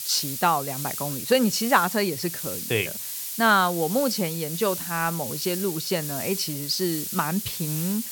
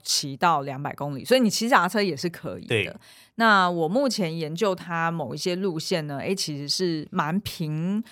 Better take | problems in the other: second | hiss; loud; throughout; 5 dB below the speech

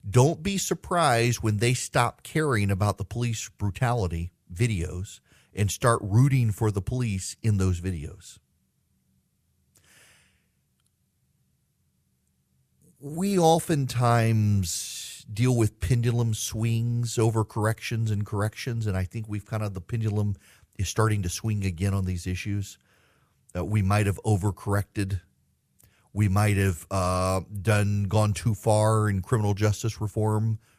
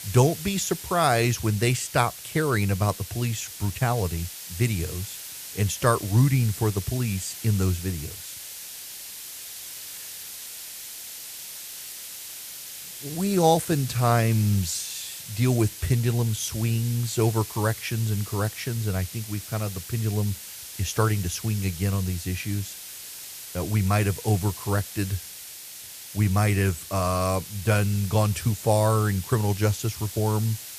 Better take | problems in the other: first | hiss; noticeable; throughout; 10 dB below the speech

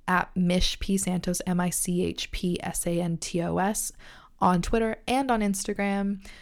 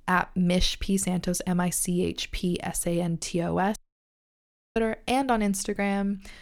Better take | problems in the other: first | audio cutting out; at 4 s for 1 s

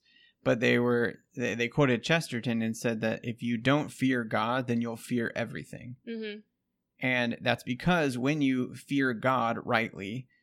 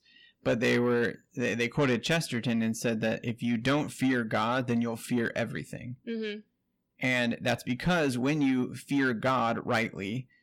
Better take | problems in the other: first | distortion; slight; 10 dB below the speech

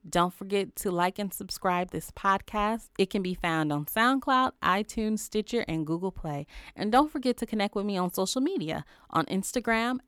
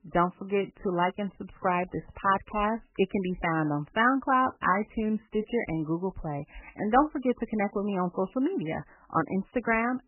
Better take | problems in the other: first | garbled, watery; badly; nothing above 3 kHz

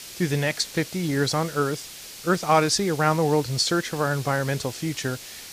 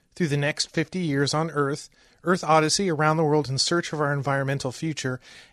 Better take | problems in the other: second | hiss; noticeable; throughout; 15 dB below the speech

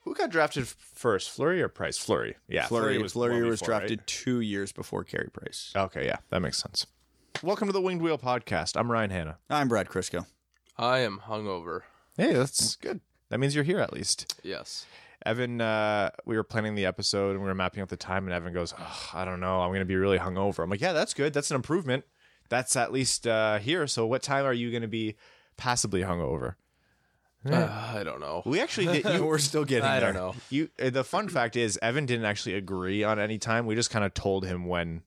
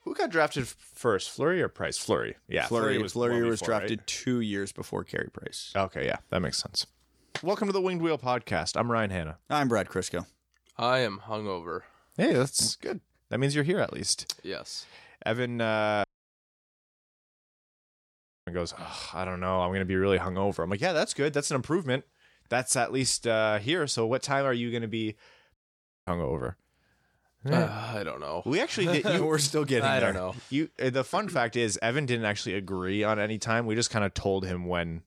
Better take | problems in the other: first | audio cutting out; at 16 s for 2.5 s and at 26 s for 0.5 s

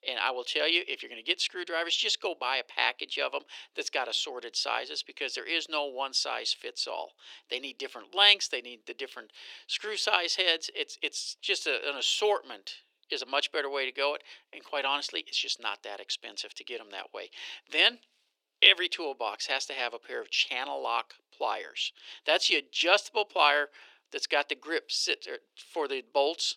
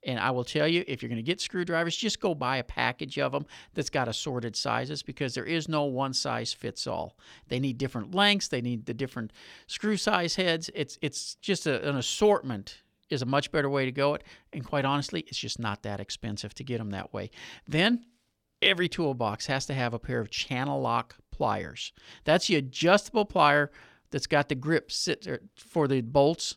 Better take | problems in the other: second | thin; very; fading below 350 Hz

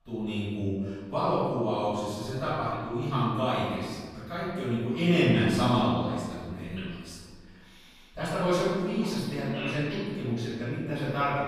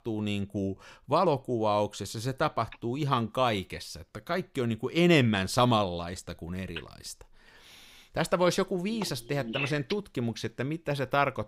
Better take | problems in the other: second | off-mic speech; far // room echo; strong; dies away in 1.5 s

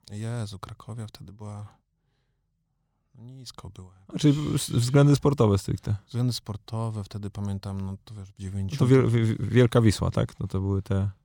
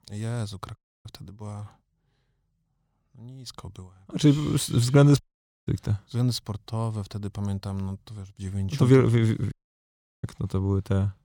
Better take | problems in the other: first | audio cutting out; at 1 s, at 5 s and at 9.5 s for 0.5 s

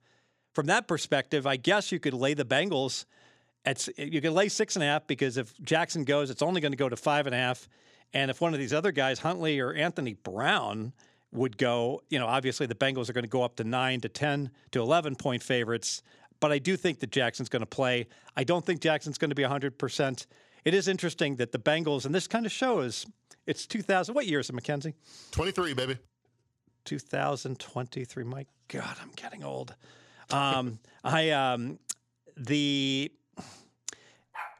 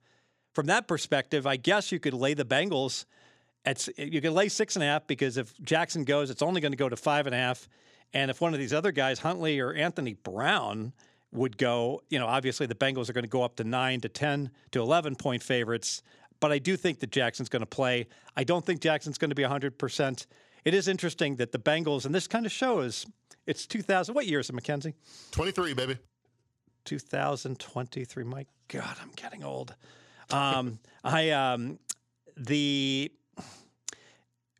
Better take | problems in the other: second | dog barking; faint; at 34 s; peak 15 dB below the speech

